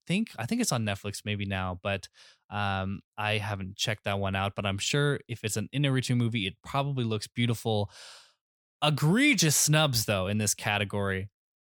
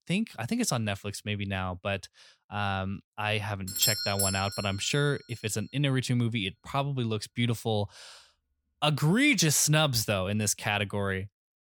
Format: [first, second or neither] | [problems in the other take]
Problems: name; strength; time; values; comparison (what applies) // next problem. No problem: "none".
first | doorbell; loud; at 3.5 s; peak 3 dB above the speech